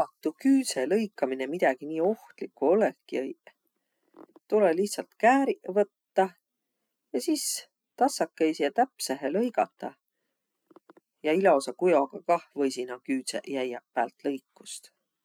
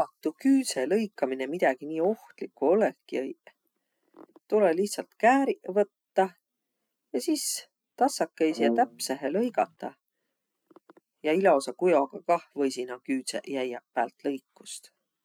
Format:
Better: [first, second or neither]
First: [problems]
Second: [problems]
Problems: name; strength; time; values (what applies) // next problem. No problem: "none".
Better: first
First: none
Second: background sound (Brass instrument); 5 dB below the speech